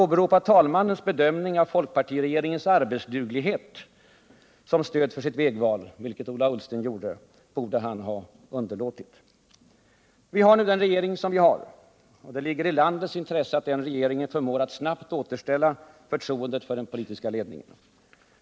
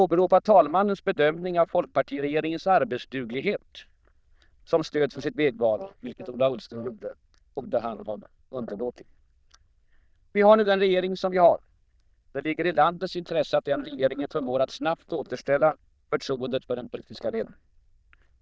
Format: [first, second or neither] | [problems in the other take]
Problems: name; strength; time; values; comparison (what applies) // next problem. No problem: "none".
first | noise reduction (neural diffusion model UNIVERSE++)